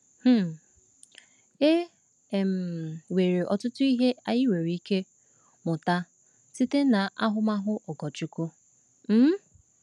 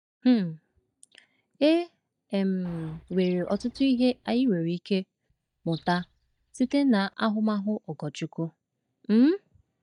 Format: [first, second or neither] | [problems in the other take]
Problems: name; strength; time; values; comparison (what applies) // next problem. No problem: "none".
first | noise reduction (neural mask model DeepFilterNet 3)